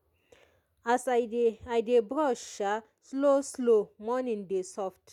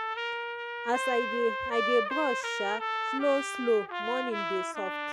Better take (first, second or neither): first